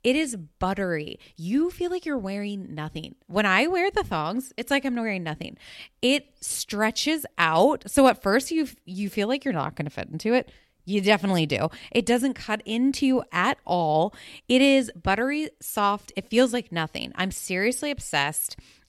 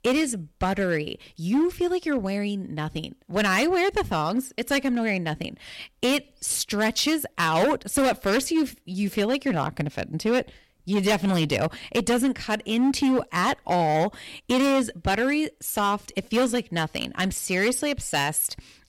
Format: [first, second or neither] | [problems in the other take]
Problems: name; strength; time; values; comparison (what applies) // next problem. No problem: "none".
first | distortion; heavy; 9% of the sound clipped